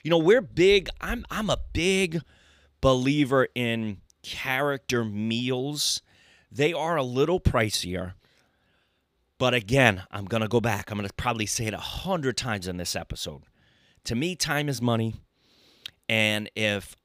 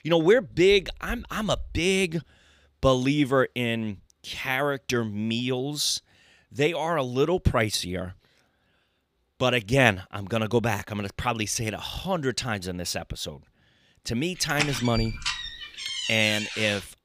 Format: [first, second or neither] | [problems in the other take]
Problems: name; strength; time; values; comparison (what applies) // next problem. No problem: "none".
first | door banging; noticeable; from 14 s on; peak 3 dB below the speech